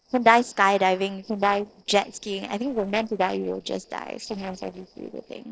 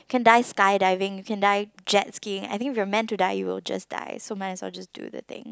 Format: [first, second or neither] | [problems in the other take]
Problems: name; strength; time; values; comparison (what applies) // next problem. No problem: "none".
second | noise reduction (neural separator model SepFormer DNS4)